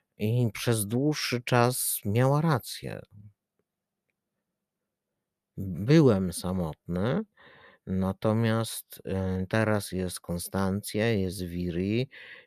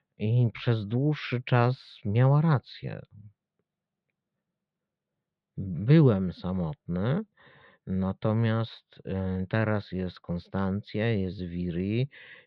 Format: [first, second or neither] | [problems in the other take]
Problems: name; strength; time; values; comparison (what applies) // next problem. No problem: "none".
first | muffled; slightly; fading above 4 kHz